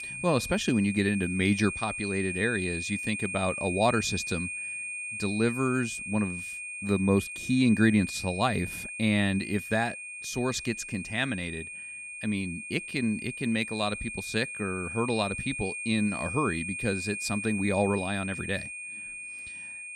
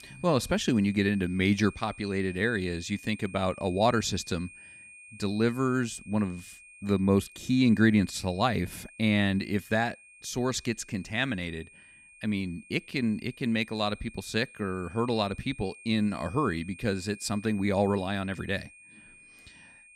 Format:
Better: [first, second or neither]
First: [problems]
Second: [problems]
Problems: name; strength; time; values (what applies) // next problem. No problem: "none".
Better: second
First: high-pitched whine; loud; throughout; 2.5 kHz, 6 dB below the speech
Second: high-pitched whine; faint; throughout; 2.5 kHz, 20 dB below the speech